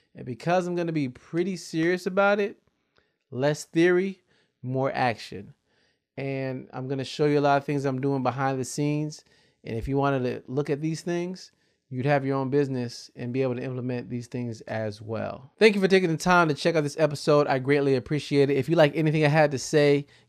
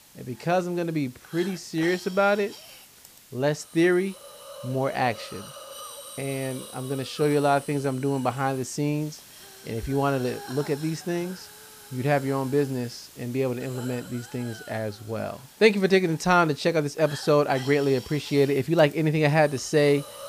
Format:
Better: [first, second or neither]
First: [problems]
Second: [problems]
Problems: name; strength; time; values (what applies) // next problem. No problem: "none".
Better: first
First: none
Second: hiss; noticeable; throughout; 15 dB below the speech